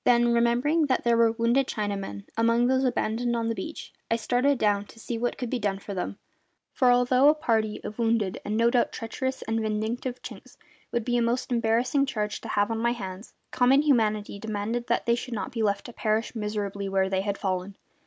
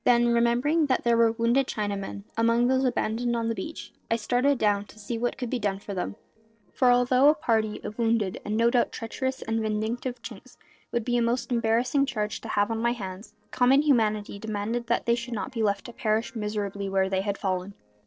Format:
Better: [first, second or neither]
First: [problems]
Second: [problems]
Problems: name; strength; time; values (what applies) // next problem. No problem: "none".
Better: first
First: none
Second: noise reduction (neural separator model SepFormer DNS4)